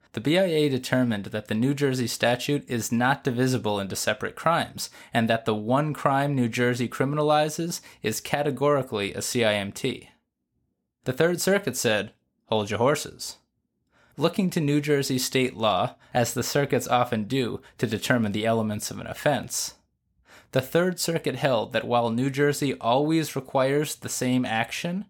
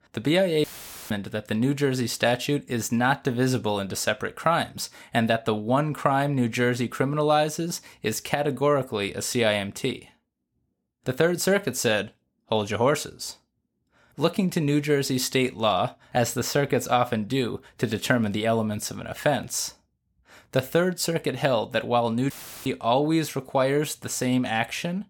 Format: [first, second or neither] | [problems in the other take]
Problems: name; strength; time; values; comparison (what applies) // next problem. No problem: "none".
first | audio cutting out; filled with static; at 0.5 s and at 22 s